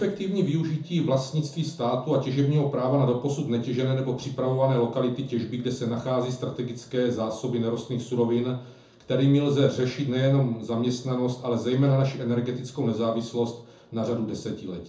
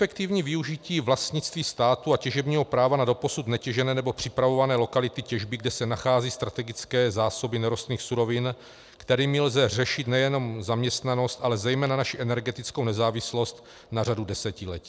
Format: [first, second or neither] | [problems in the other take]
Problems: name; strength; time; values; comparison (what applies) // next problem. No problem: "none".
second | room echo; dies away in 0.7 s